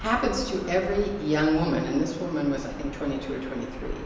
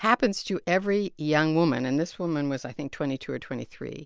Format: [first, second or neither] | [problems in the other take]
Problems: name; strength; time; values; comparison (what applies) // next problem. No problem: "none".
second | background sound (Gull, seagull / Ocean); 11 dB below the speech // room echo; dies away in 1 s